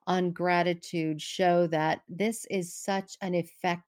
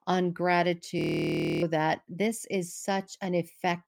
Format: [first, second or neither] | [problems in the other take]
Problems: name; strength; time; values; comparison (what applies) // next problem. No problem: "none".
first | audio freezing; at 1 s for 0.5 s